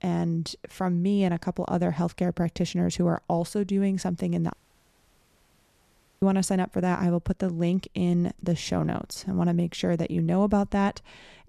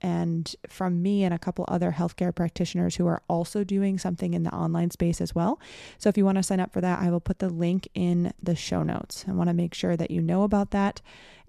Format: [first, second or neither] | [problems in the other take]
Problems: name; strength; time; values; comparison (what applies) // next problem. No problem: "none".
second | audio cutting out; at 4.5 s for 1.5 s